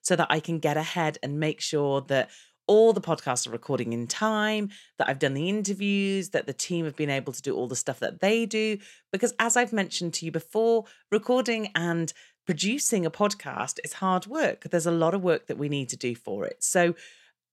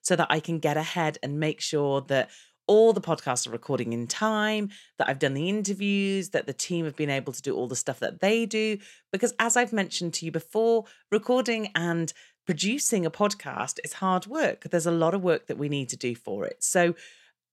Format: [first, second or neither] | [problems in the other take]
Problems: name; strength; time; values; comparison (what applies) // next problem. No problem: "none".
neither | none